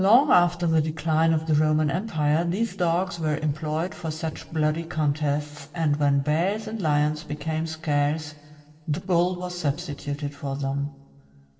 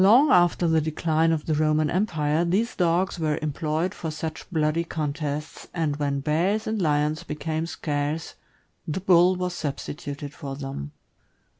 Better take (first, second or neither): second